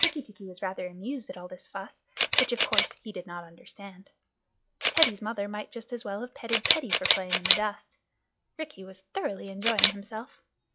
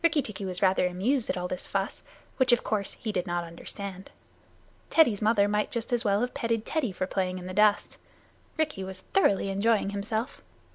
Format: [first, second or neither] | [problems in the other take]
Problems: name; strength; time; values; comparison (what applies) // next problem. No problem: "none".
second | noise reduction (classical method log-MMSE)